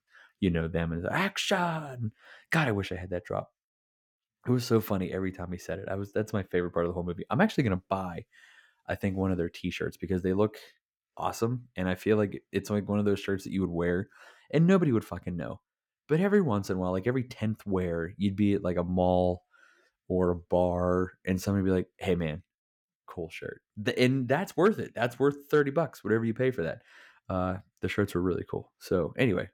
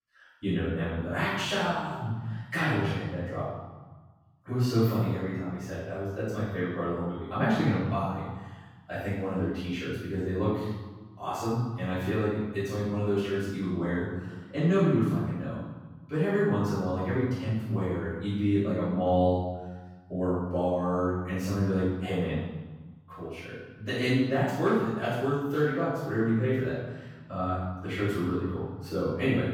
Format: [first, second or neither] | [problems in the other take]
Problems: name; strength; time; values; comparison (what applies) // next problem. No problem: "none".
first | off-mic speech; far // room echo; strong; dies away in 1.2 s